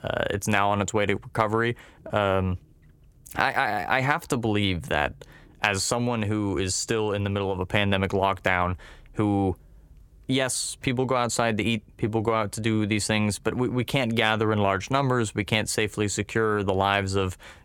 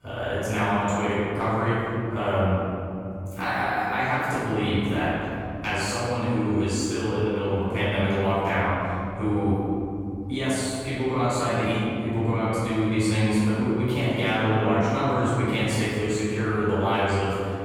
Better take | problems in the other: first | room echo; strong; dies away in 3 s // off-mic speech; far

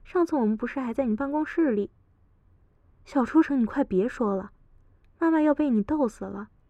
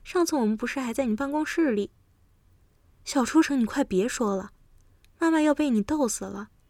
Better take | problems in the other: second | muffled; very; fading above 3 kHz

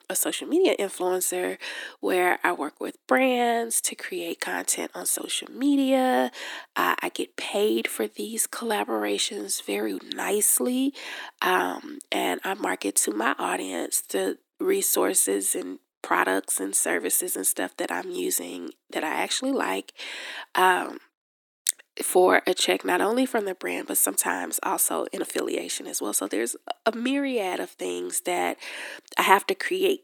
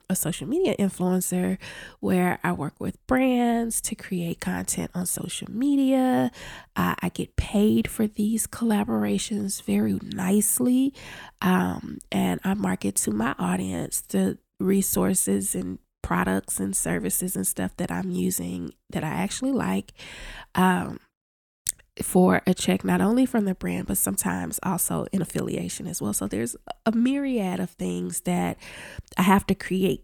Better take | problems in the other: second | thin; somewhat; fading below 300 Hz

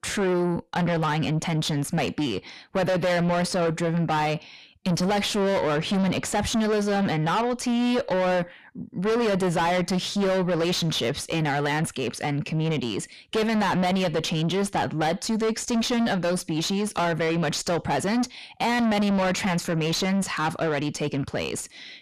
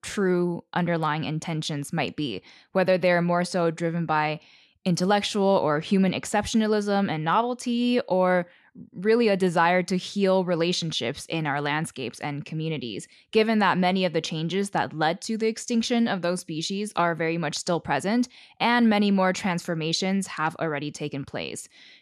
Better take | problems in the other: second | distortion; heavy; 5 dB below the speech

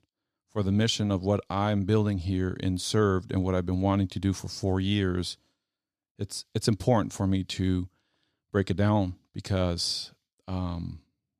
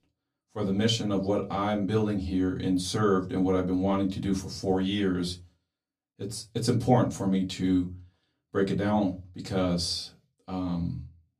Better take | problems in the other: first | off-mic speech; far // room echo; very slight; dies away in 0.2 s

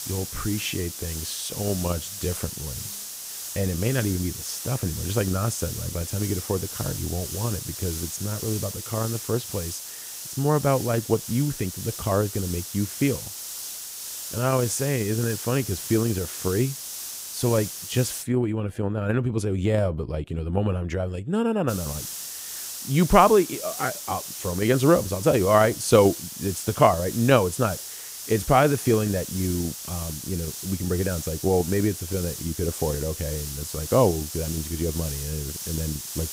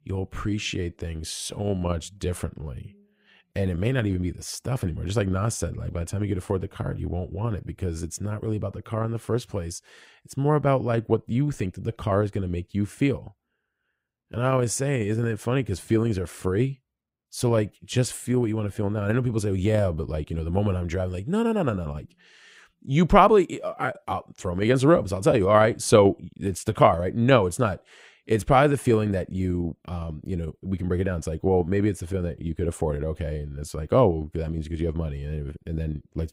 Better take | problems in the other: second | hiss; loud; until 18 s and from 22 s on; 7 dB below the speech

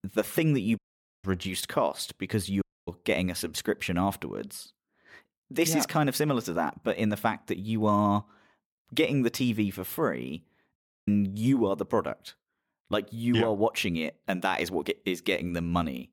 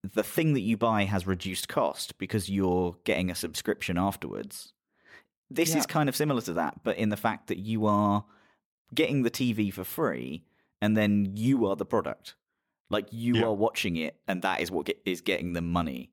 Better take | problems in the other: second | audio cutting out; at 1 s, at 2.5 s and at 11 s

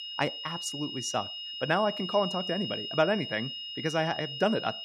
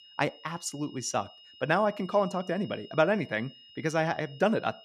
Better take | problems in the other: second | high-pitched whine; loud; throughout; 3 kHz, 5 dB below the speech; faint in the second

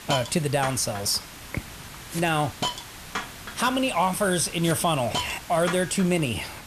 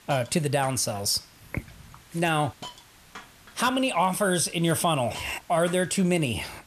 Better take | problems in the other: second | hiss; loud; throughout; 10 dB below the speech; faint in the second

